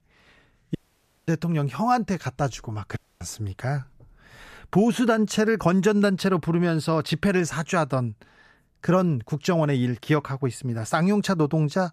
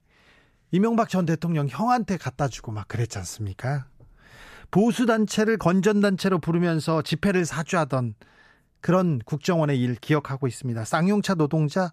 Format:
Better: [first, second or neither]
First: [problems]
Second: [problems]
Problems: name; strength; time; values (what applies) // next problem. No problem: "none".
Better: second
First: audio cutting out; at 1 s for 0.5 s and at 3 s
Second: none